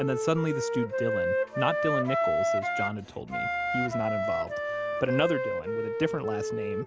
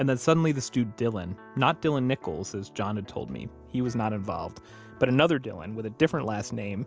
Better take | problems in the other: second | background sound (Wind instrument, woodwind instrument); 2 dB above the speech

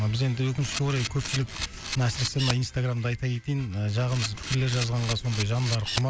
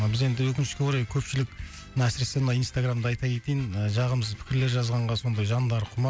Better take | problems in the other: second | background sound (Camera); 8 dB below the speech

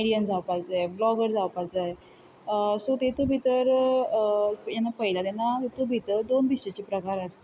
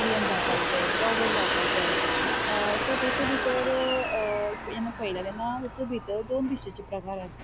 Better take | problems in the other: first | background sound (Domestic sounds, home sounds); 1 dB above the speech

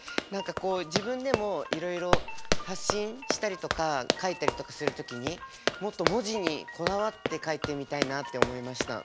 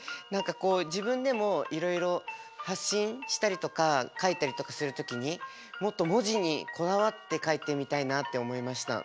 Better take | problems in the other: second | background sound (Run); as loud as the speech

